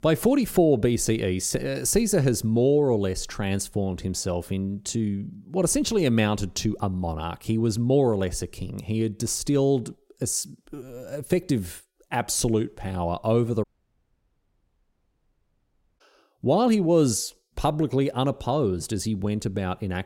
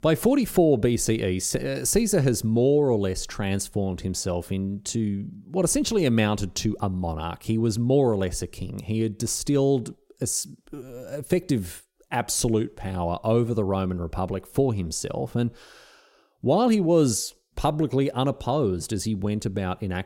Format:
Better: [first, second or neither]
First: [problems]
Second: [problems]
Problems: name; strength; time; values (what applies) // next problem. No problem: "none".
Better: second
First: audio cutting out; at 14 s for 2.5 s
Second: none